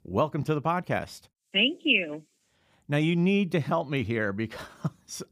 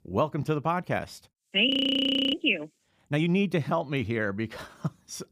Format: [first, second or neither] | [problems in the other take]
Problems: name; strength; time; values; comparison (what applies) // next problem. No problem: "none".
first | audio freezing; at 1.5 s for 0.5 s